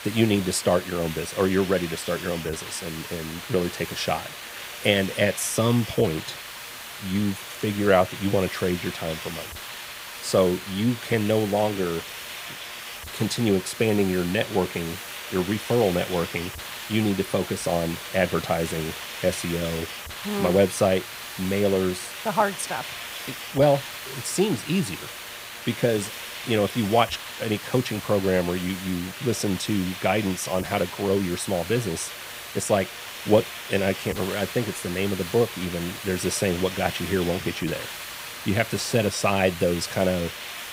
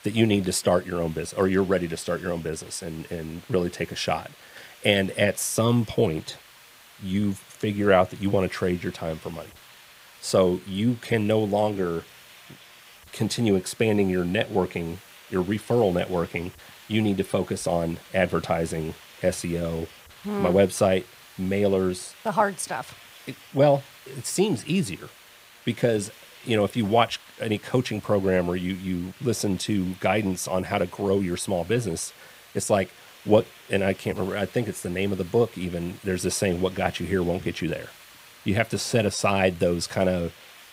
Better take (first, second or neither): second